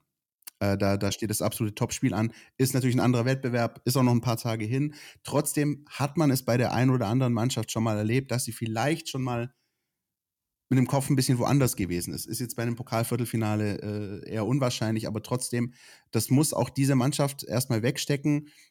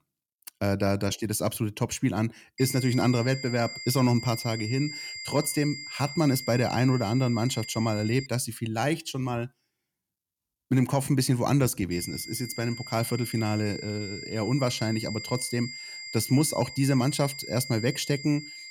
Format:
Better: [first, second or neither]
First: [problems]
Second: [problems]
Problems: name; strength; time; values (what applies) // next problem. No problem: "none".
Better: first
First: none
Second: high-pitched whine; noticeable; from 2.5 to 8.5 s and from 12 s on; 2 kHz, 10 dB below the speech